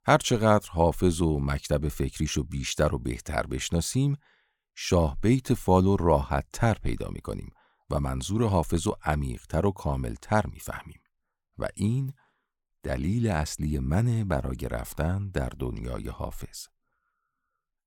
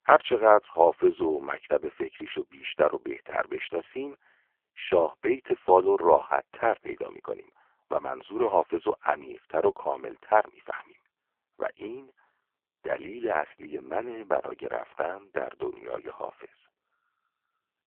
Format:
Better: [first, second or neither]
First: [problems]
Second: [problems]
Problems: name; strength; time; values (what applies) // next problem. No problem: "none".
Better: first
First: none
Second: phone-call audio; poor line; nothing above 3 kHz